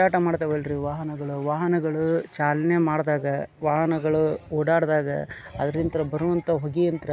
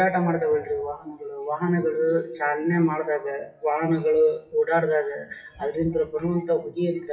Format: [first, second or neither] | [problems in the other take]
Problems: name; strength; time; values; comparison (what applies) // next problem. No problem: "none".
first | noise reduction (classical method WPE with log-MMSE)